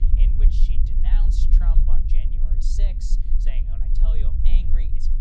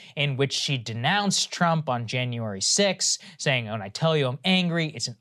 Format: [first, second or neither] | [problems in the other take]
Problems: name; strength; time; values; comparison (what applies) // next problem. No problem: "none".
second | low rumble; loud; throughout; 1 dB below the speech